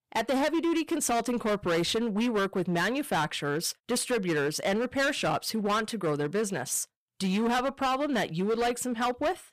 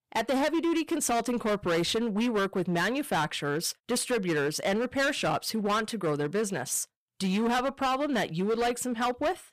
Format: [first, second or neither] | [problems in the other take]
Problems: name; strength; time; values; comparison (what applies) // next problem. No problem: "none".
neither | distortion; heavy; 18% of the sound clipped; the same in both